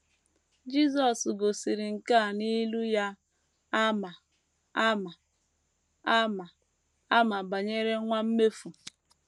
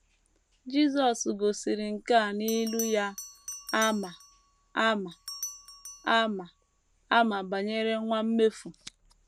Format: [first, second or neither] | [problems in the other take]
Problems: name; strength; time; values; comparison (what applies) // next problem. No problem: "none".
first | background sound (Bell); 16 dB below the speech